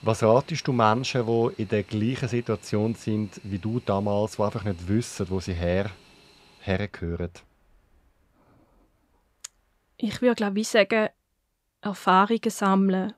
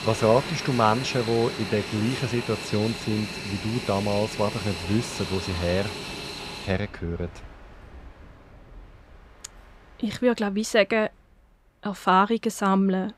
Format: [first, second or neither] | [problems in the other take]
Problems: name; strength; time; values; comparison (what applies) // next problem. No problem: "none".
first | train or aircraft noise; loud; throughout; 8 dB below the speech; faint in the first